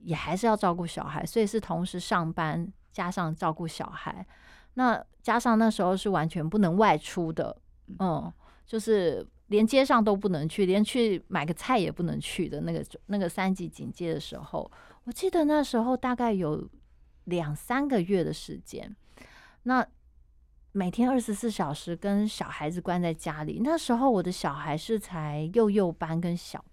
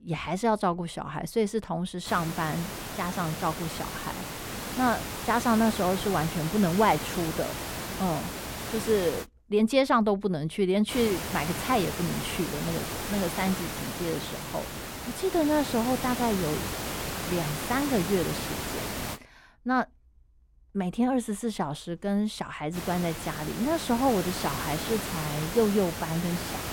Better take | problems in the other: first | hiss; loud; from 2 to 9 s, from 11 to 19 s and from 23 s on; 5 dB below the speech

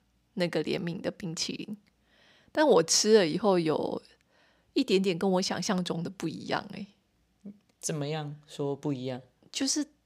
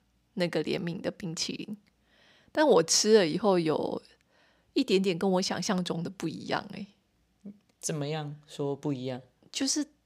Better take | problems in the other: neither | none

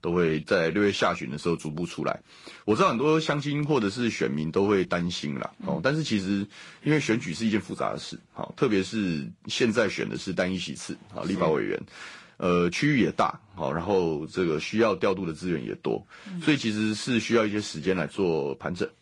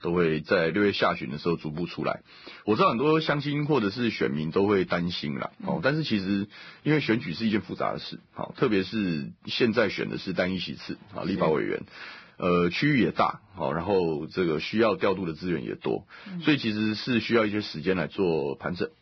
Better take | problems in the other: first | garbled, watery; badly; nothing above 5.5 kHz; slightly in the first

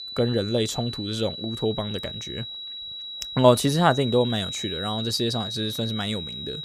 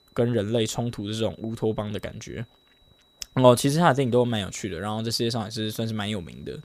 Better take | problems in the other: second | high-pitched whine; loud; throughout; 4 kHz, 7 dB below the speech; faint in the second

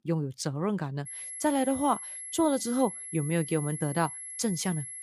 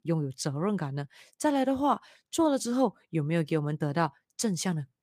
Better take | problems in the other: second | high-pitched whine; loud; from 1 s on; 11 kHz, 8 dB below the speech

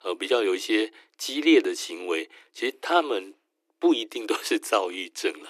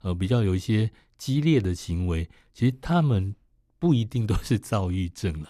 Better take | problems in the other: second | thin; very; fading below 300 Hz

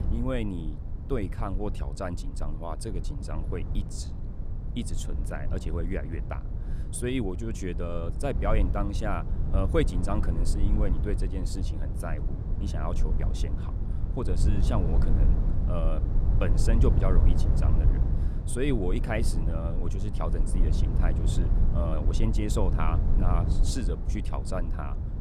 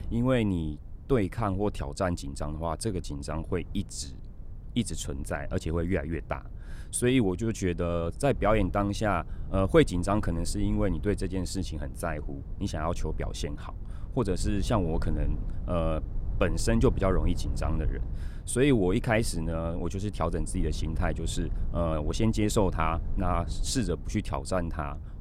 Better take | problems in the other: second | low rumble; loud; throughout; 7 dB below the speech; faint in the second

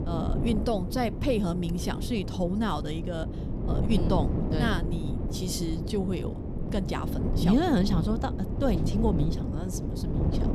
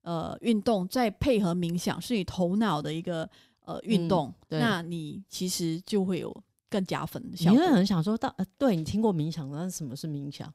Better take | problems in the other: second | wind noise on the microphone; heavy; 6 dB below the speech

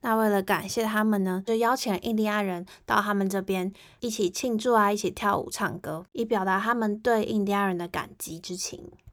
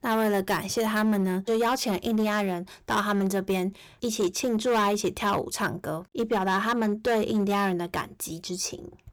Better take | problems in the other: first | distortion; slight; 9% of the sound clipped

